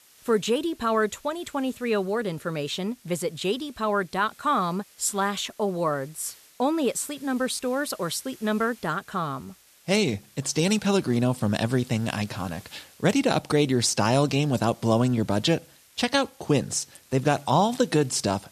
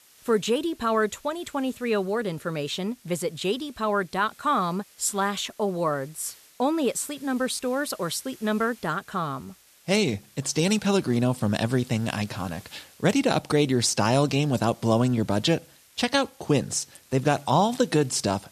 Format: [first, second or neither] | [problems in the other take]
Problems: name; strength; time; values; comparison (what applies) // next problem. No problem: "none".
neither | hiss; faint; throughout; 25 dB below the speech; the same in both